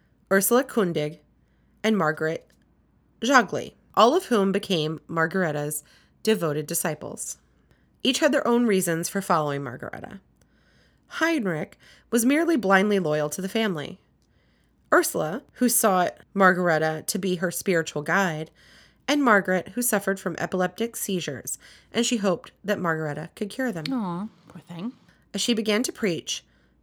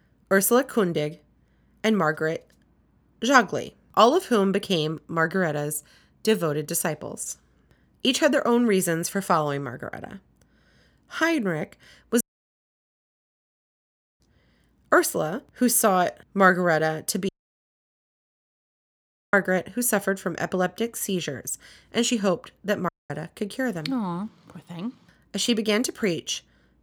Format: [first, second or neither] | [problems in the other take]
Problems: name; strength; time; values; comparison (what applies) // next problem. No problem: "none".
first | audio cutting out; at 12 s for 2 s, at 17 s for 2 s and at 23 s